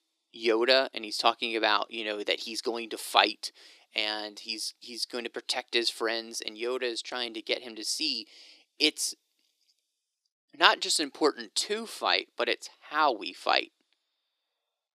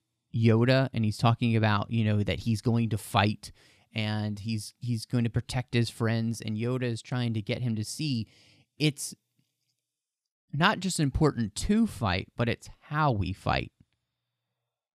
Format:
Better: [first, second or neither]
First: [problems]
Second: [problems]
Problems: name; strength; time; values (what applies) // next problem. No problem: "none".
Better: second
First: thin; very; fading below 350 Hz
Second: none